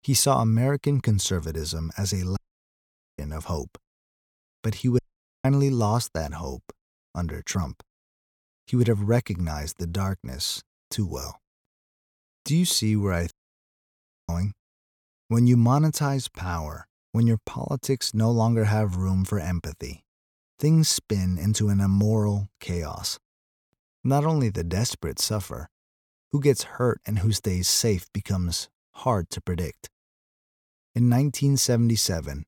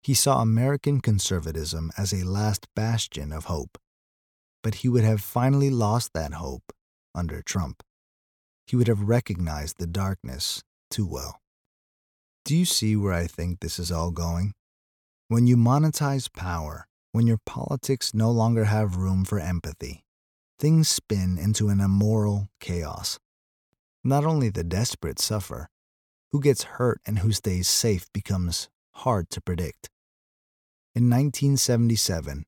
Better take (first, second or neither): second